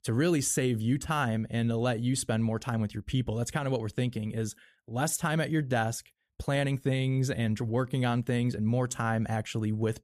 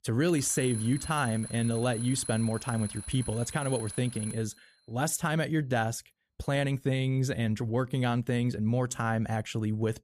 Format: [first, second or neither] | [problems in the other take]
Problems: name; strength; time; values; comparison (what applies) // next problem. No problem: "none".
first | alarm; noticeable; until 4.5 s; peak 7 dB below the speech